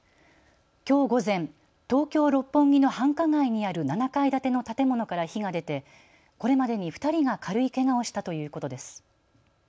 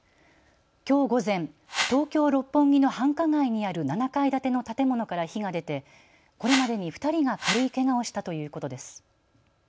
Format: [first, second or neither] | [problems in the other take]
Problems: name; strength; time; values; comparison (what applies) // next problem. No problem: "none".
first | background sound (Whoosh, swoosh, swish); 6 dB below the speech